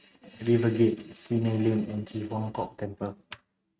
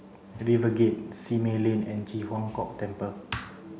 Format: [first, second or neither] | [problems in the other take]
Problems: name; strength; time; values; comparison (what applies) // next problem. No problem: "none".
second | noise reduction (neural mask model RNNoise)